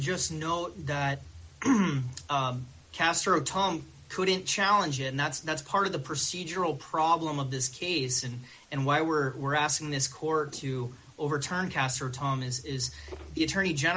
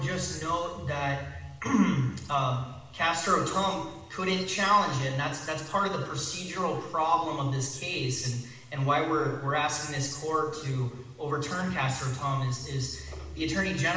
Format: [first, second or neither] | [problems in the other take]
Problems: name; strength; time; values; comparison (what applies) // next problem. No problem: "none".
first | room echo; dies away in 1 s